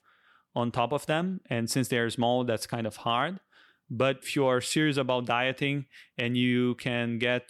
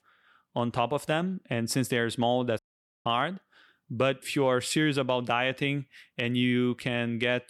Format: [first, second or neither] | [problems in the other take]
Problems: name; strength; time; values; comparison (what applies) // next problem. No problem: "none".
first | audio cutting out; at 2.5 s